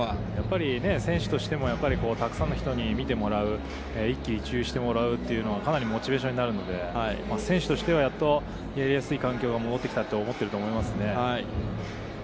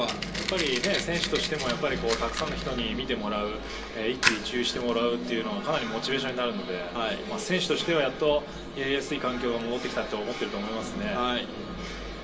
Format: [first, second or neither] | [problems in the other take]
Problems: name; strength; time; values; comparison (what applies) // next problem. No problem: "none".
first | background sound (Fire); 9 dB below the speech // room echo; dies away in 0.2 s